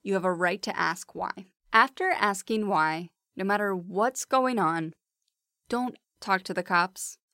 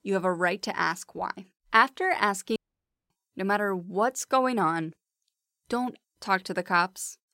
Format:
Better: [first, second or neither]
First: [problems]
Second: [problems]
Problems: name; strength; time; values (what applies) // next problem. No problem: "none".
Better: first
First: none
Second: audio cutting out; at 2.5 s for 0.5 s